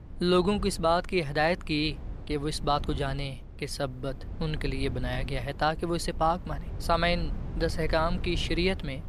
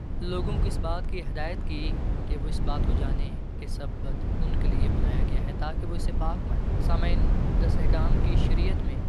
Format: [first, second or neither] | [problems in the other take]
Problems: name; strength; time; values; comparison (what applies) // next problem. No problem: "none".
first | low rumble; loud; throughout; 1 dB below the speech; faint in the first